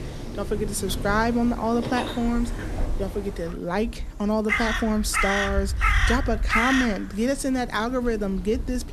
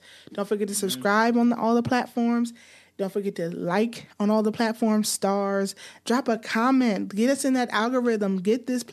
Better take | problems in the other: second | animal sounds; loud; throughout; 2 dB below the speech

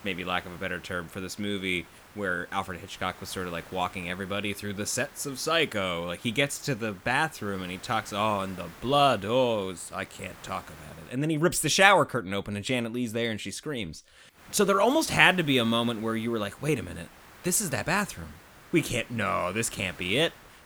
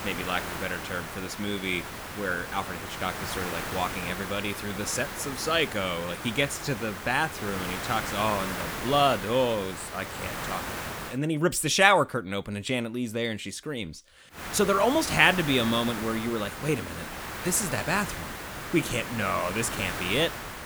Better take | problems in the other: first | hiss; loud; until 11 s and from 14 s on; 7 dB below the speech; faint in the first

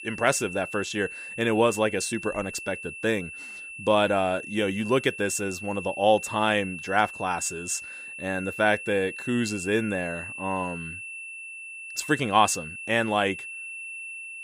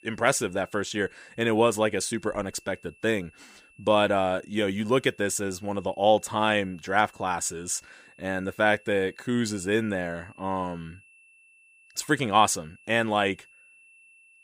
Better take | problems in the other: second | high-pitched whine; loud; throughout; 2.5 kHz, 10 dB below the speech; faint in the second

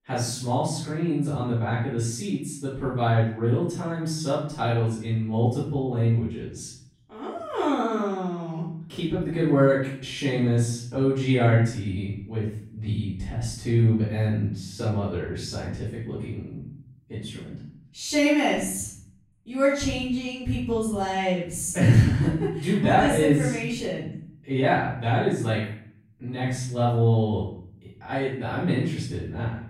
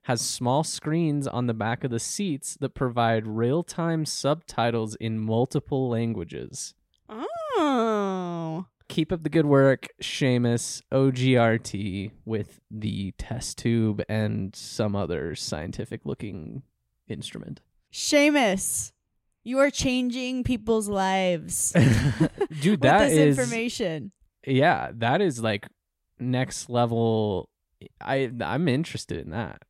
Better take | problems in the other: second | room echo; noticeable; dies away in 0.6 s // off-mic speech; far

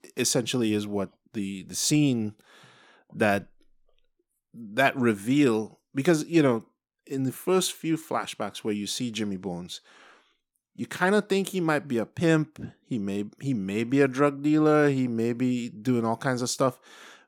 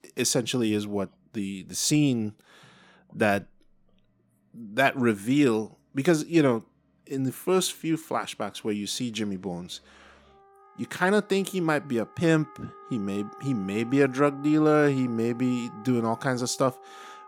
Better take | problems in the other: first | background music; faint; throughout; 20 dB below the speech

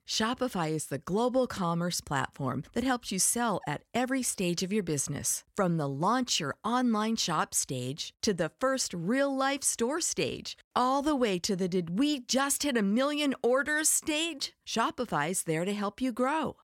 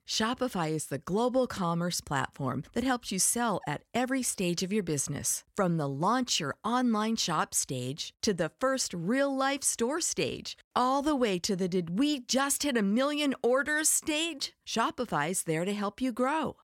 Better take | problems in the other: neither | none

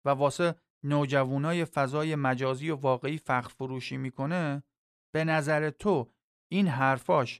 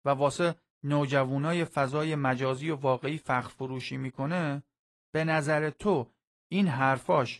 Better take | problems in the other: first | garbled, watery; slightly

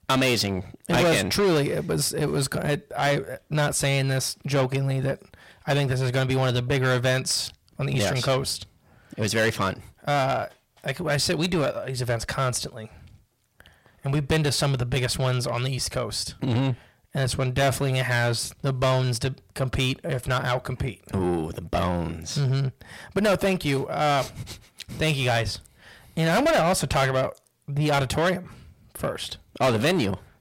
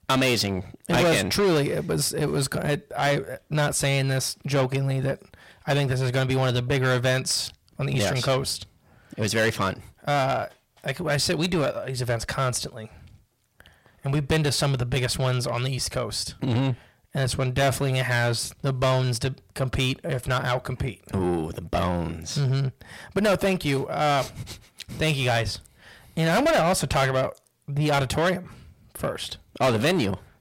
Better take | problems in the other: neither | distortion; heavy; 6 dB below the speech; the same in both

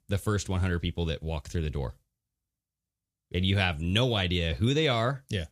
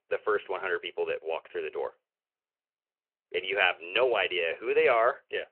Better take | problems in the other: first | phone-call audio; nothing above 3 kHz

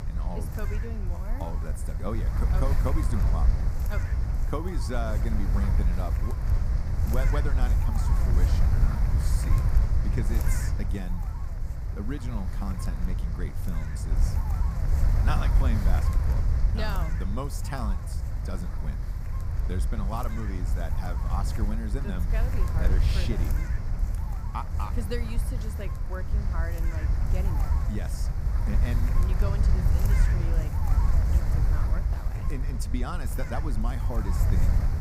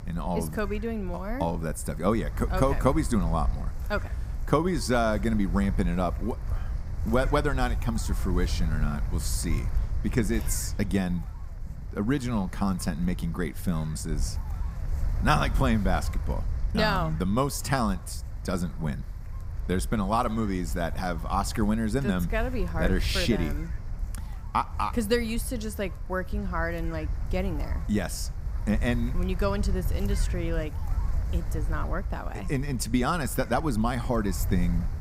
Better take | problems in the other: second | wind noise on the microphone; heavy; 2 dB below the speech; occasional gusts in the second

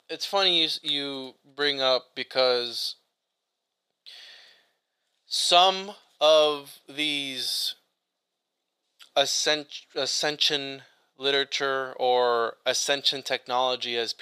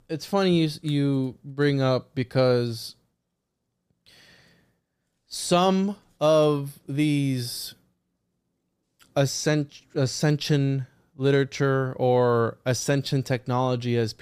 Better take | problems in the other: second | thin; very; fading below 600 Hz

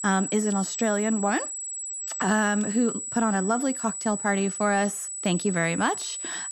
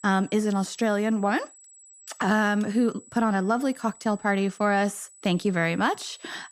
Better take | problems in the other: second | high-pitched whine; loud; throughout; 8 kHz, 5 dB below the speech; faint in the second

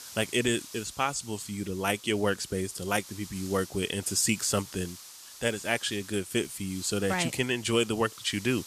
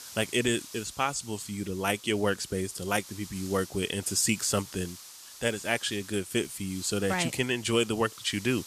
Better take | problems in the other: neither | hiss; noticeable; throughout; 15 dB below the speech; the same in both

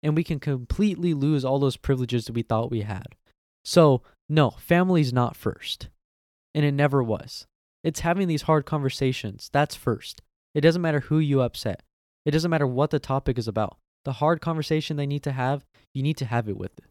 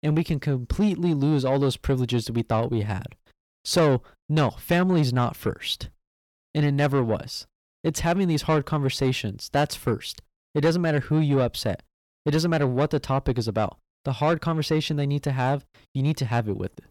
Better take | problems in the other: first | distortion; slight; 10 dB below the speech

